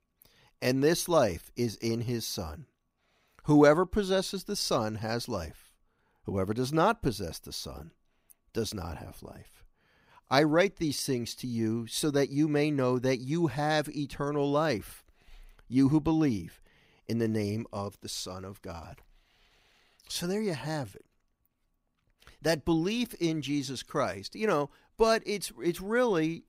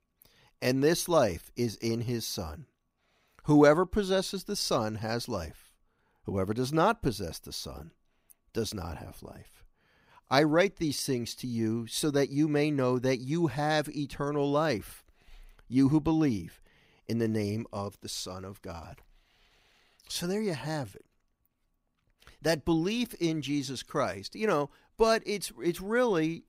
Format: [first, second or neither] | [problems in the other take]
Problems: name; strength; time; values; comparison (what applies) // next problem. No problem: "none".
neither | none